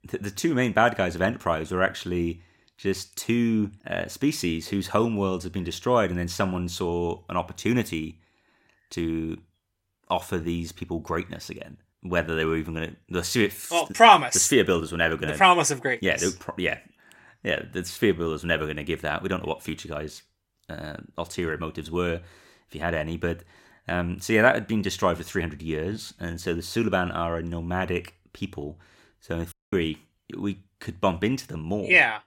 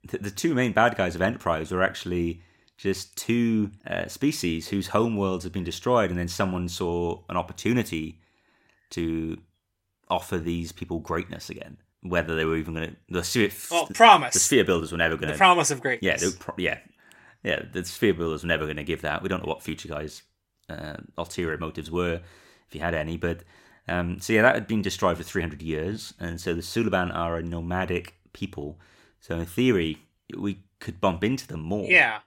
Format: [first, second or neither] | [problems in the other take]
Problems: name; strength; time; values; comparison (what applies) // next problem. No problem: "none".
second | audio cutting out; at 30 s